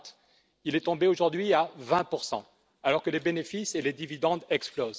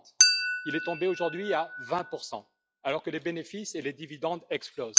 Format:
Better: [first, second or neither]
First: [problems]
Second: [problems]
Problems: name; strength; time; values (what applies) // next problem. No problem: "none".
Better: first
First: none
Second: noise reduction (classical method log-MMSE)